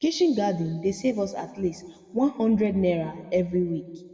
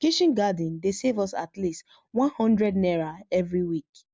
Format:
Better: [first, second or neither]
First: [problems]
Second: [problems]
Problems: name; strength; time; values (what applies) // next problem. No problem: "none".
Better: second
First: room echo; dies away in 1.2 s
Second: none